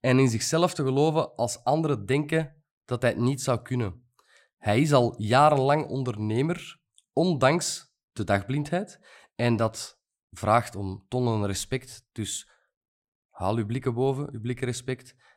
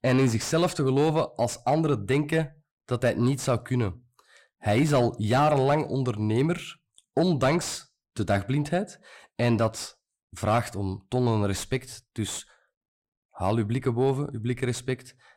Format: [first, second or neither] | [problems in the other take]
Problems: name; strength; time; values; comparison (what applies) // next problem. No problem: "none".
first | distortion; slight; 10 dB below the speech